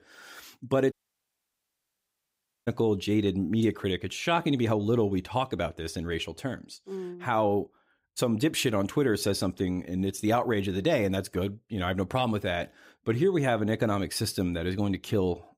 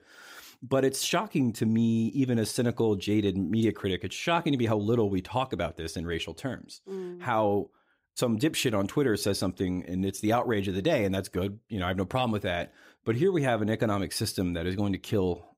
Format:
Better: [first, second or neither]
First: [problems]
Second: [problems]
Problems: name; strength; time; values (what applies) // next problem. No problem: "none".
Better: second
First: audio cutting out; at 1 s for 1.5 s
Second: none